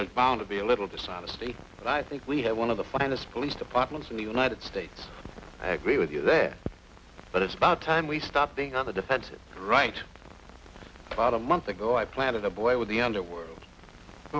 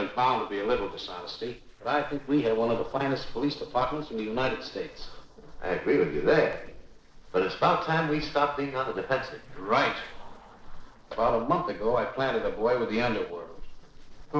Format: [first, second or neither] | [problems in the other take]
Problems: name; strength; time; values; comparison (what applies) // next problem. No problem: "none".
first | noise reduction (neural separator model SepFormer DNS4)